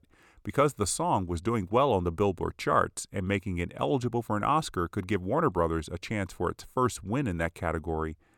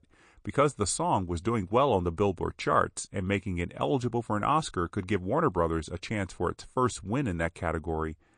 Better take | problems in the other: first | garbled, watery; slightly; nothing above 9 kHz

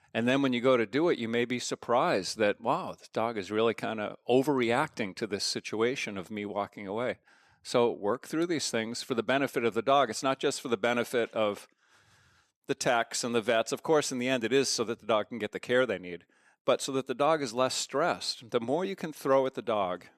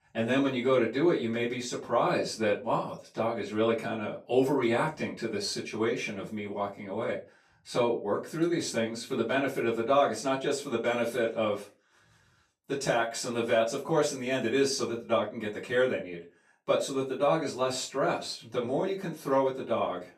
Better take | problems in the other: first | off-mic speech; far // room echo; slight; dies away in 0.2 s

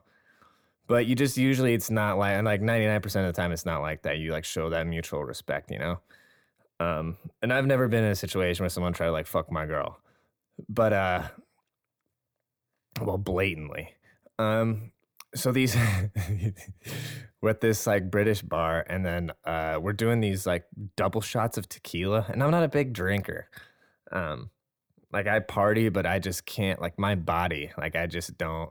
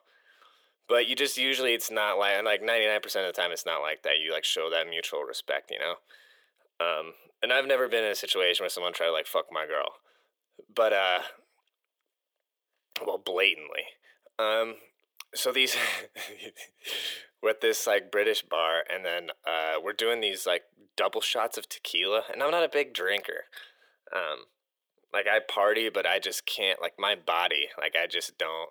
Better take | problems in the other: first | thin; very; fading below 400 Hz

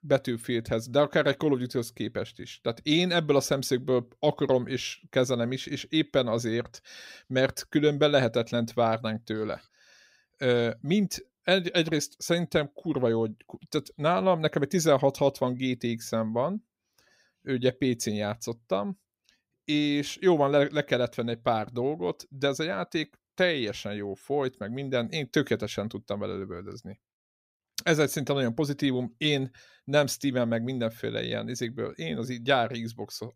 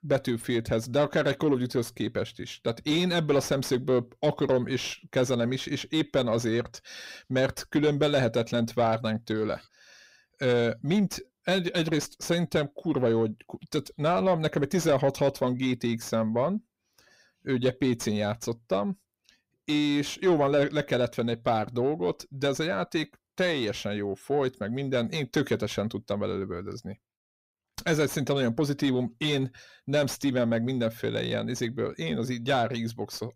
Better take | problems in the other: first | distortion; slight; 10 dB below the speech

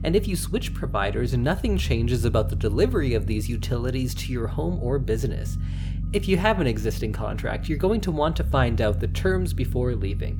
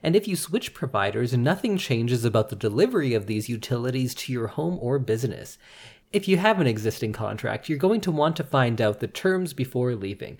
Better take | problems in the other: second | low rumble; noticeable; throughout; 15 dB below the speech

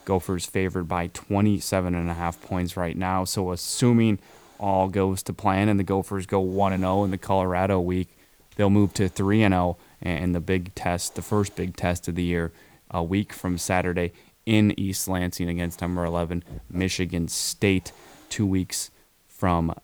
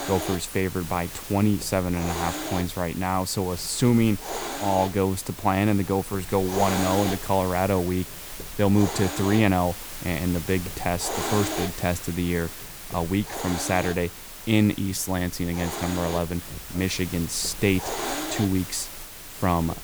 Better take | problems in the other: first | hiss; loud; throughout; 8 dB below the speech; faint in the first

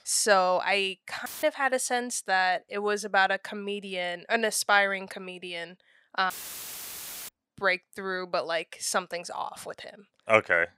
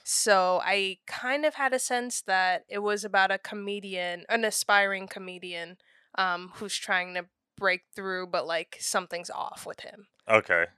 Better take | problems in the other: second | audio cutting out; filled with static; at 1.5 s and at 6.5 s for 1 s

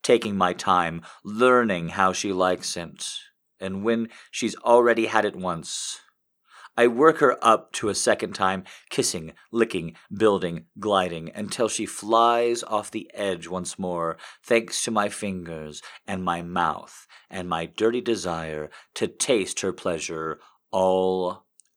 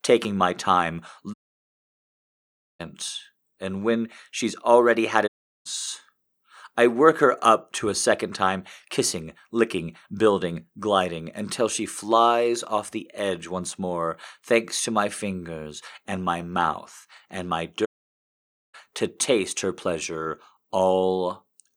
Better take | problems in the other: first | audio cutting out; at 1.5 s for 1.5 s, at 5.5 s and at 18 s for 1 s

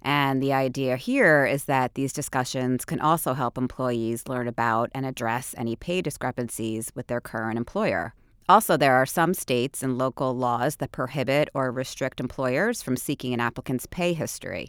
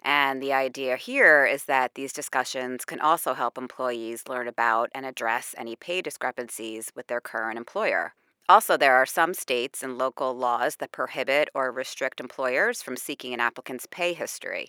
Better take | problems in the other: first | thin; somewhat; fading below 450 Hz

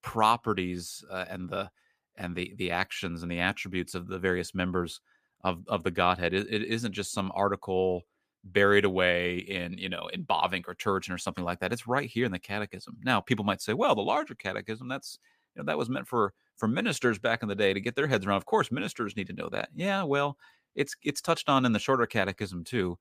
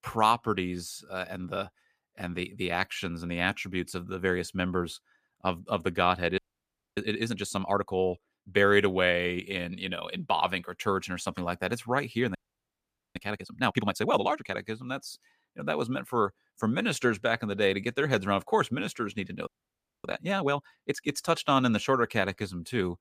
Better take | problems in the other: first | audio freezing; at 6.5 s for 0.5 s, at 12 s for 1 s and at 19 s for 0.5 s

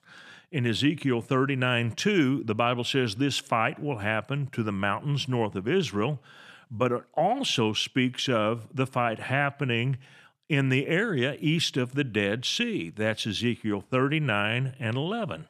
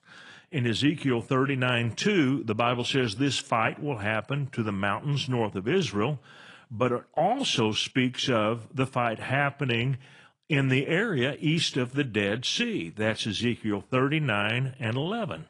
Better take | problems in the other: first | garbled, watery; slightly; nothing above 10 kHz

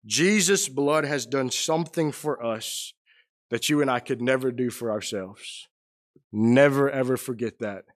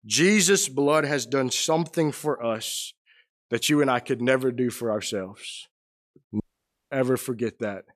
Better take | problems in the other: first | audio cutting out; at 6.5 s for 0.5 s

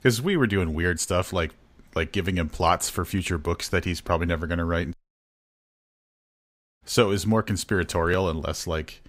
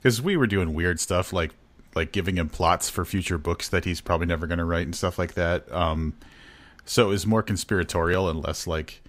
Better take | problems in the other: second | audio cutting out; at 5 s for 2 s

